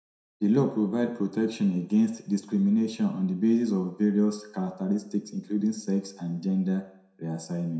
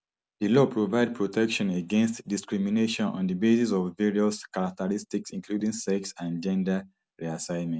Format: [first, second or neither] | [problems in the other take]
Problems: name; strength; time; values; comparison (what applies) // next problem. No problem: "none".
second | room echo; dies away in 0.6 s